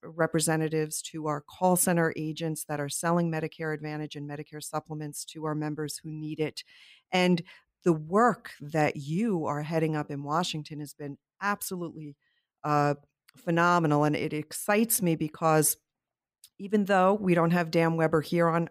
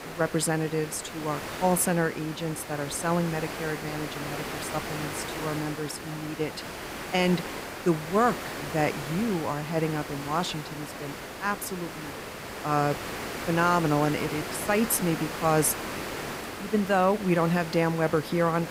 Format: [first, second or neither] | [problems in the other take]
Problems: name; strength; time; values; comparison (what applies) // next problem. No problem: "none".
first | hiss; loud; throughout; 8 dB below the speech